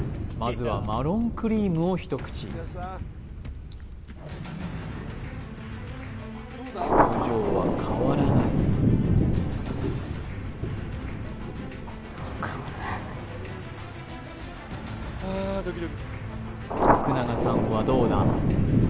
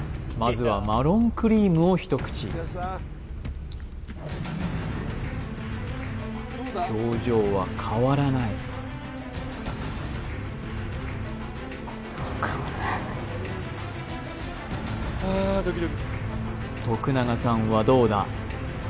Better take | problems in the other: second | background sound (Thunder); 3 dB above the speech

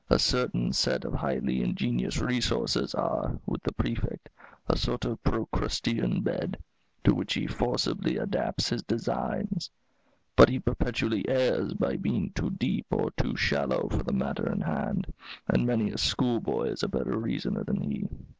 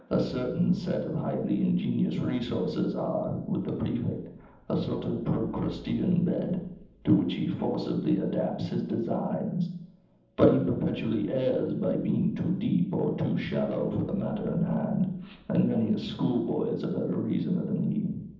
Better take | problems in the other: first | room echo; dies away in 0.8 s

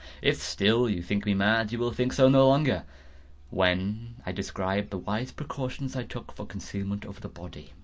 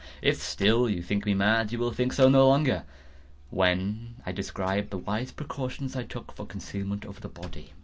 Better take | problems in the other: first | background sound (Slam); 16 dB below the speech

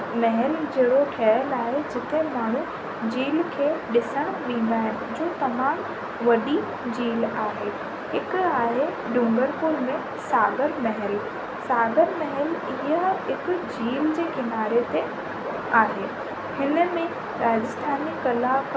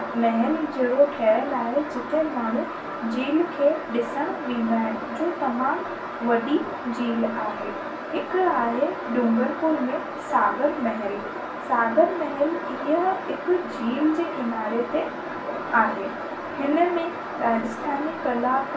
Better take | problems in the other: first | room echo; dies away in 0.3 s

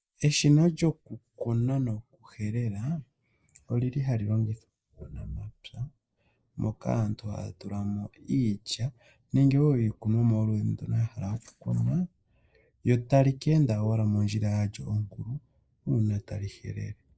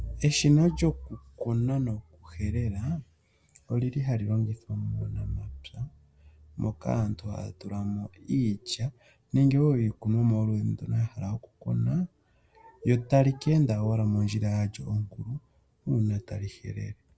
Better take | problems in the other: second | noise reduction (neural mask model Resemble Enhance denoiser)

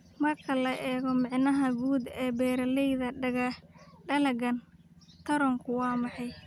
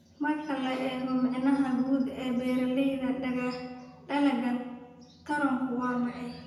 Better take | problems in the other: first | room echo; dies away in 0.9 s

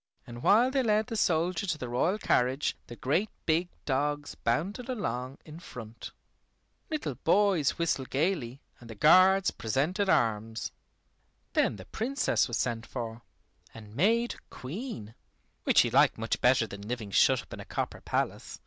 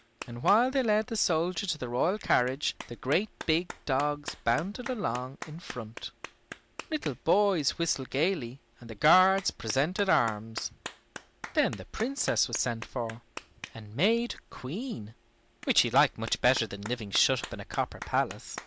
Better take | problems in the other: first | background sound (Clapping); 17 dB below the speech

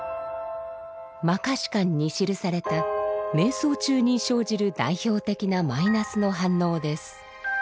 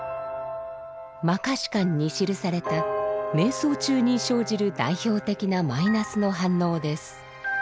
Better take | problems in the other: first | background sound (Bowed string instrument); 19 dB below the speech

